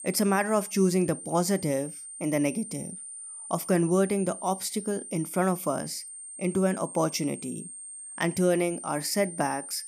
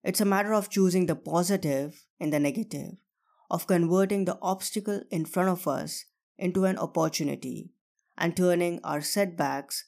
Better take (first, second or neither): second